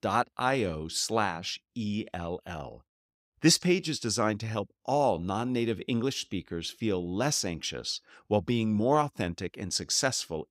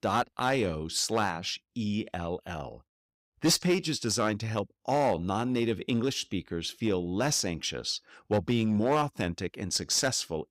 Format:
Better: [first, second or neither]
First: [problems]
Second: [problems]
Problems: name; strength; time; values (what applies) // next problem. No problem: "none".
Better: first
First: none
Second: distortion; slight; 4% of the sound clipped